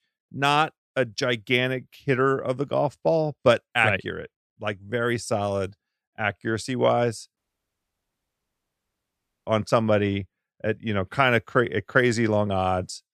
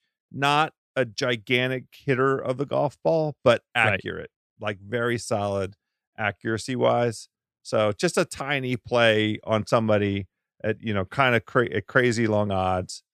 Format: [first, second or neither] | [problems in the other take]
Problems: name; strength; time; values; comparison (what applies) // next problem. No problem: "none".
second | audio cutting out; at 7.5 s for 2 s